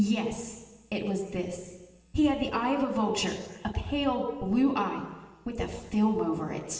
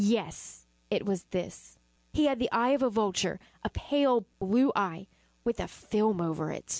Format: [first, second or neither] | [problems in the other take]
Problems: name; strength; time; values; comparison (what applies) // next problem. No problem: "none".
second | room echo; dies away in 1.2 s